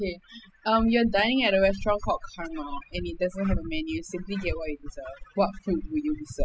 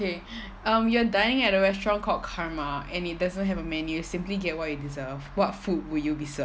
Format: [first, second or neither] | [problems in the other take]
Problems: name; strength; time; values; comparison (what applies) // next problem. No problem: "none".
second | noise reduction (classical method spectral subtraction)